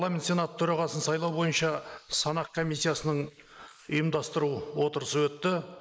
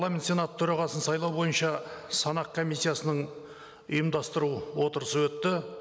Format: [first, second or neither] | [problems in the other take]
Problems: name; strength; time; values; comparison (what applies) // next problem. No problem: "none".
second | noise reduction (neural mask model Resemble Enhance denoiser)